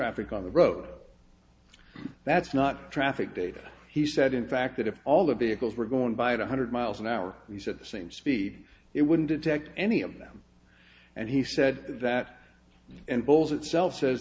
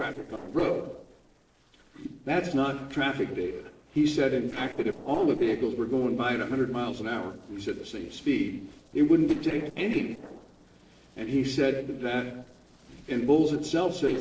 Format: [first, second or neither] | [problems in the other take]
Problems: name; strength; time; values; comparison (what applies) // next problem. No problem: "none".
first | noise reduction (neural separator model SepFormer DNS4)